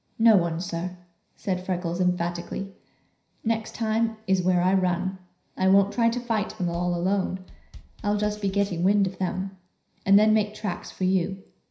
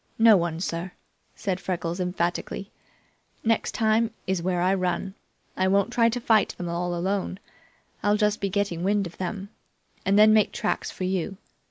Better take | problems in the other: second | background sound (Bass drum / Snare drum / Drum kit); 19 dB below the speech // room echo; dies away in 0.5 s

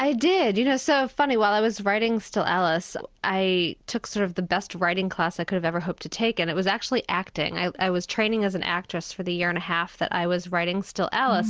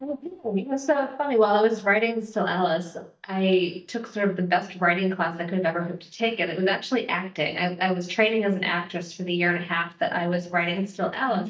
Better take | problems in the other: first | noise reduction (neural mask model DeepFilterNet 3)

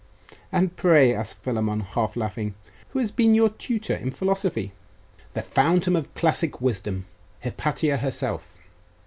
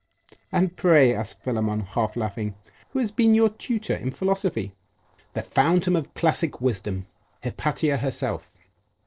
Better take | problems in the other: first | noise reduction (neural separator model SepFormer DNS4)

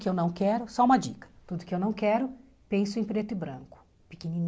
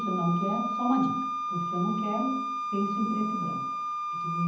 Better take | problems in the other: first | background sound (Wind instrument, woodwind instrument); 1 dB below the speech // room echo; dies away in 0.8 s

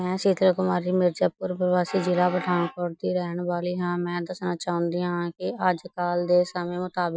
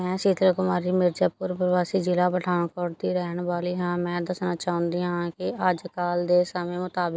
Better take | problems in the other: second | noise reduction (classical method Wiener filter)

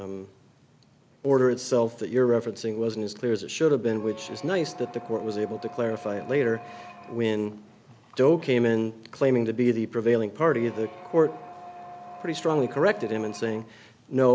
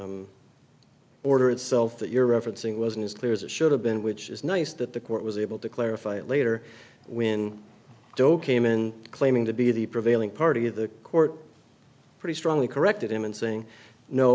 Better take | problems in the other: second | background sound (Squeak); 17 dB below the speech

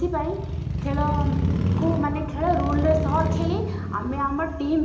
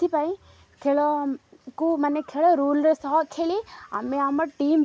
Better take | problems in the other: second | background sound (Motorcycle / Crow); 1 dB above the speech // room echo; dies away in 0.9 s

